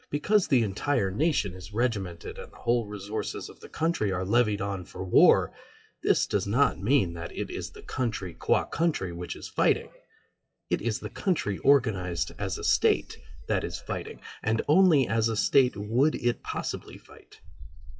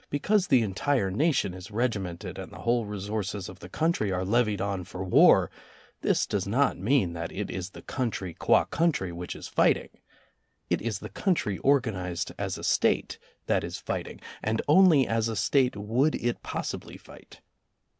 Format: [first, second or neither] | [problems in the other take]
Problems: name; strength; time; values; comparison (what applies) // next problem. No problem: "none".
second | noise reduction (classical method WPE with log-MMSE)